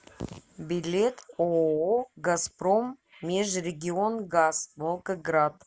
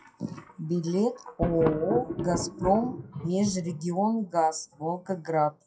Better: first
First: none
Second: noise reduction (classical method WPE with log-MMSE)

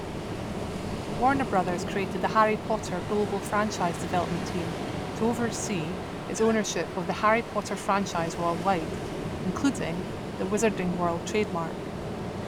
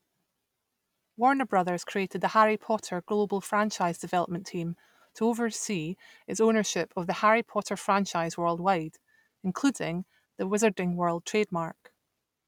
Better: second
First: background sound (Ocean); 5 dB below the speech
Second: none

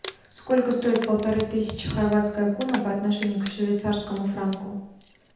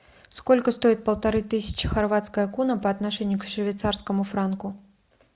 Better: second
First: background sound (Crumpling, crinkling); 17 dB below the speech // room echo; dies away in 0.8 s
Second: none

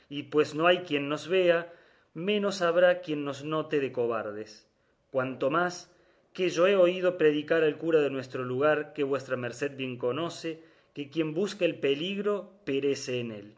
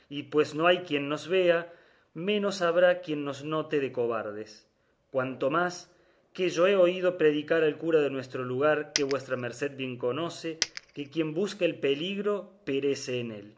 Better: first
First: none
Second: background sound (Coin (dropping)); 8 dB below the speech

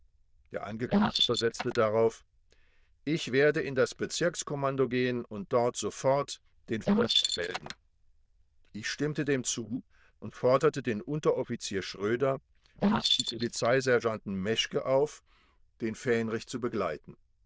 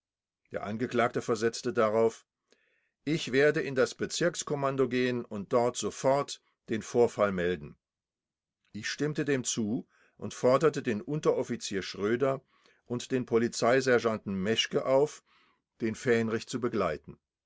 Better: second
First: noise reduction (neural diffusion model UNIVERSE++)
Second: none

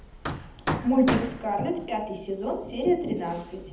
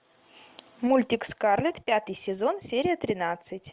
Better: second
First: background sound (Hammer); 7 dB below the speech // room echo; dies away in 0.8 s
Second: none

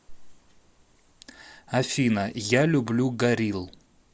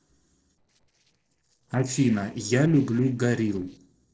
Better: first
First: none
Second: noise reduction (neural separator model SepFormer DNS4)

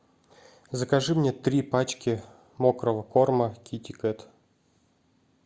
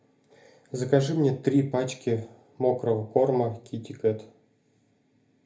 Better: first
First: none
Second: room echo; dies away in 0.3 s

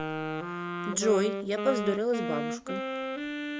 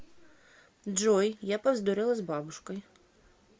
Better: second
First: background sound (Wind instrument, woodwind instrument); 2 dB below the speech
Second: none

